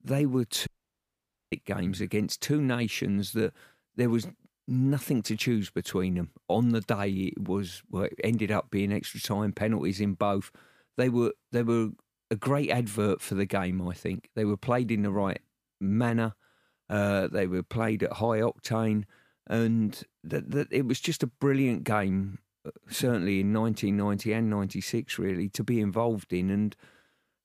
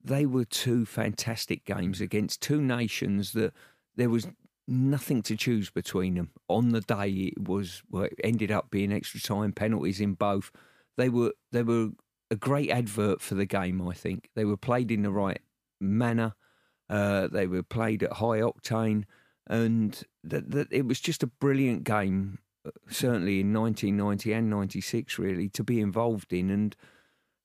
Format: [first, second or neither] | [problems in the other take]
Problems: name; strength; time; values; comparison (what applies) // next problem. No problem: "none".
second | audio cutting out; at 0.5 s for 1 s